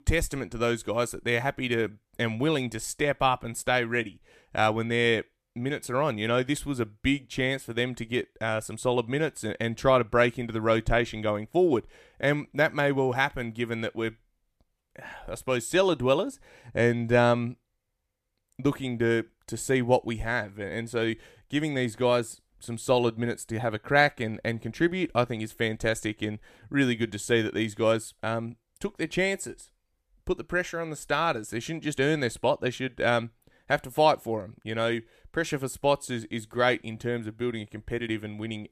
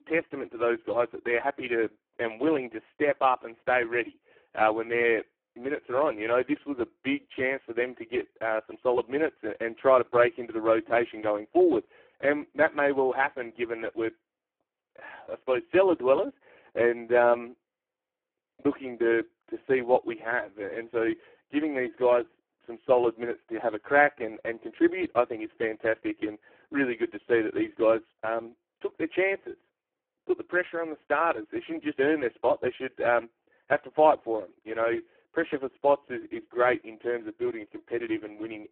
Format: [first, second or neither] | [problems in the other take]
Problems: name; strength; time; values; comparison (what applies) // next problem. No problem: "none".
first | phone-call audio; poor line